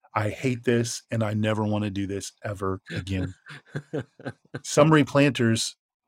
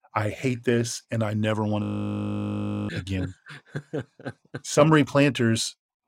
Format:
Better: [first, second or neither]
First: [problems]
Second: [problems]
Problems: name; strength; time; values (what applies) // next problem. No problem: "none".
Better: first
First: none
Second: audio freezing; at 2 s for 1 s